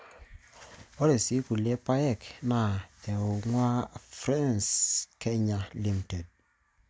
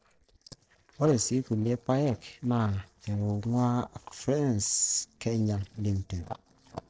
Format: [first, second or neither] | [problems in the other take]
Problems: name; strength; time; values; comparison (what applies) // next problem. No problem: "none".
first | noise reduction (neural separator model SepFormer DNS4)